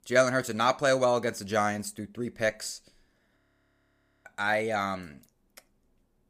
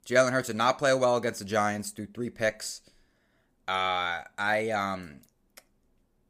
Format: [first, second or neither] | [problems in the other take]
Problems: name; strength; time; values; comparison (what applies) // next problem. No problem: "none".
second | audio freezing; at 3.5 s for 1 s